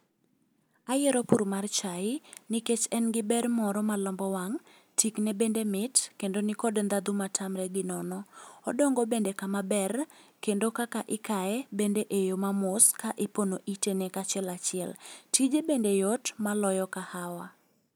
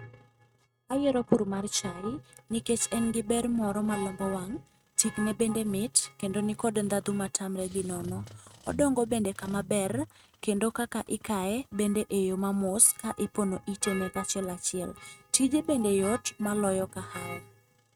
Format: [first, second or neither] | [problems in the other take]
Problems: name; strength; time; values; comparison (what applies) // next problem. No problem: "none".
first | noise reduction (neural mask model RNNoise)